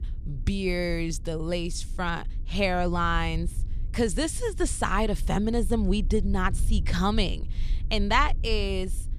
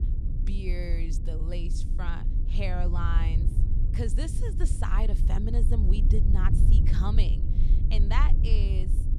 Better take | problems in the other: first | low rumble; loud; throughout; 6 dB below the speech; faint in the first

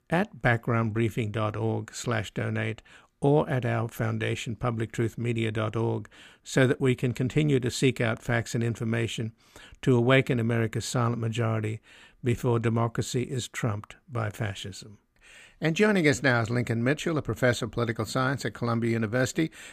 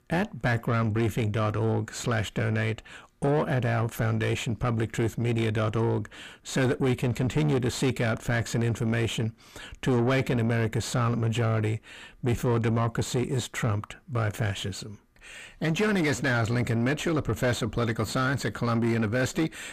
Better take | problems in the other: first | distortion; heavy; 7 dB below the speech

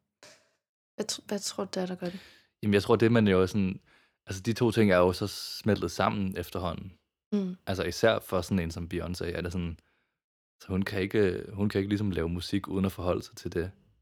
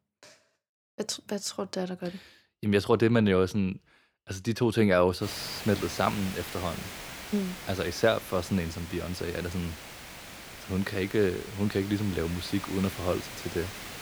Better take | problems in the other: first | hiss; noticeable; from 5 s on; 10 dB below the speech

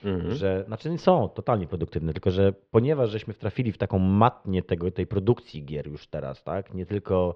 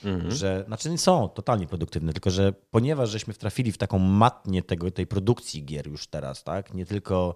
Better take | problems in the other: second | muffled; very; fading above 3.5 kHz

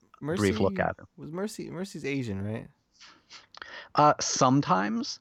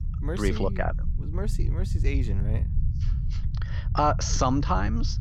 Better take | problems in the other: first | low rumble; noticeable; throughout; 15 dB below the speech

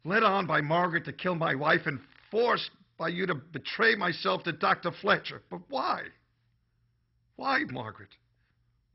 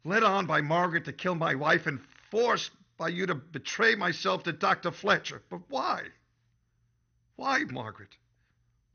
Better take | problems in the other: second | garbled, watery; badly; nothing above 5.5 kHz; slightly in the second

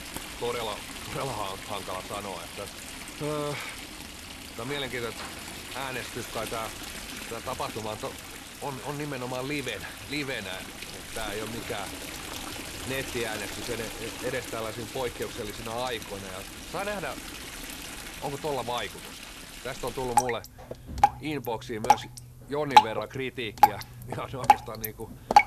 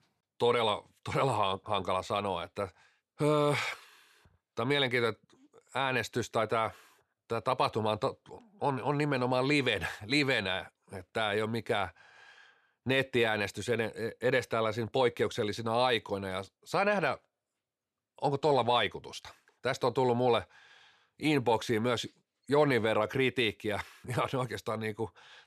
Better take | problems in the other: second | rain or running water; very loud; throughout; 3 dB above the speech

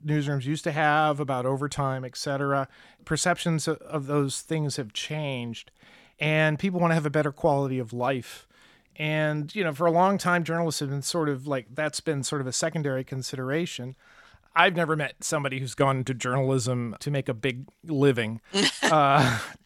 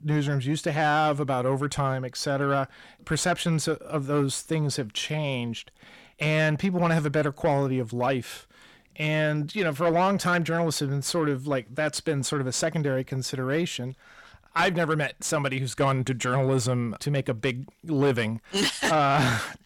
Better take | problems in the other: first | distortion; slight; 10 dB below the speech

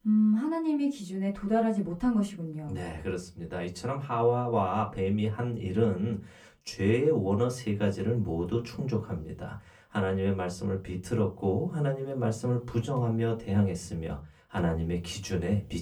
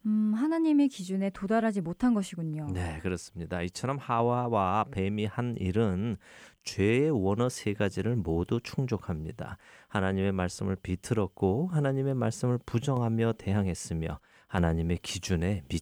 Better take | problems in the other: second | off-mic speech; far // room echo; very slight; dies away in 0.2 s

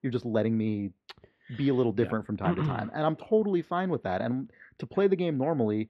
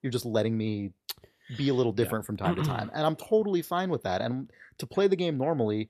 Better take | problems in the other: second | muffled; slightly; fading above 2 kHz

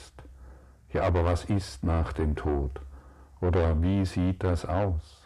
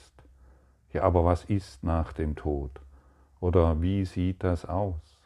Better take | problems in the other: second | distortion; heavy; 6 dB below the speech

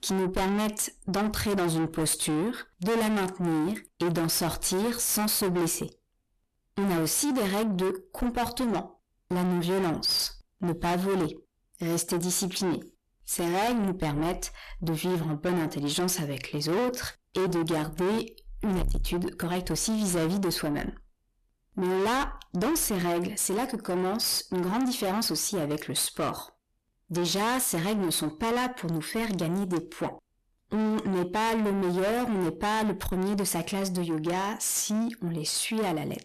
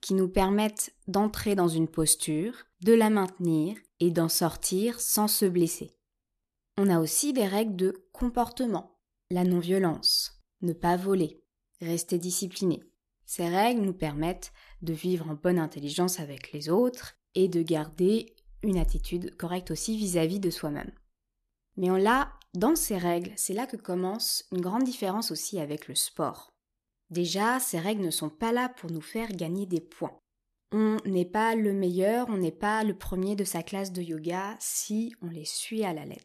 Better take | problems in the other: second | distortion; heavy; 5 dB below the speech

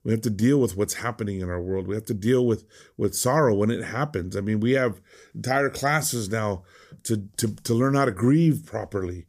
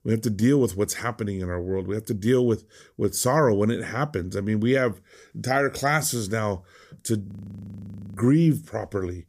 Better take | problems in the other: first | audio freezing; at 7.5 s for 1 s

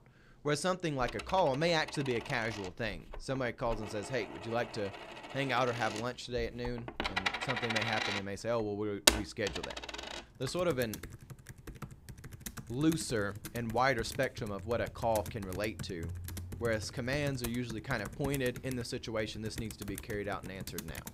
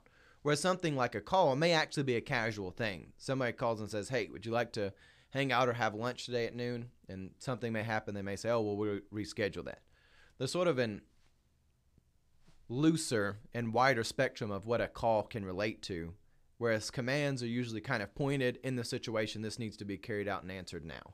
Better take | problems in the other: second | household noises; loud; throughout; 4 dB below the speech

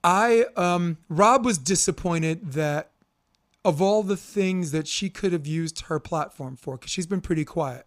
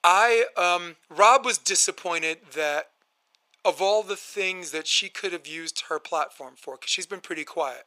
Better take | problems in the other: first | thin; very; fading below 500 Hz

